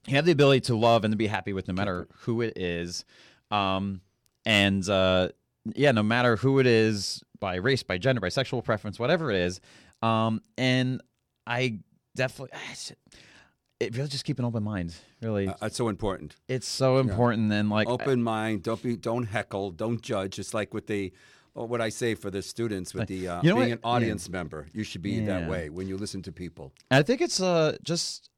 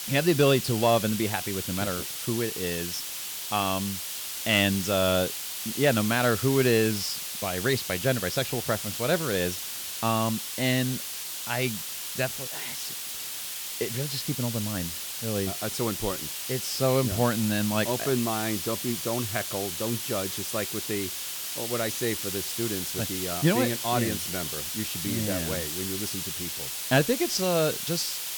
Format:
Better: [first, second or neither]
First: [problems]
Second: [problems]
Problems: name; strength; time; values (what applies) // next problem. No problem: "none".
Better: first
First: none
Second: hiss; loud; throughout; 3 dB below the speech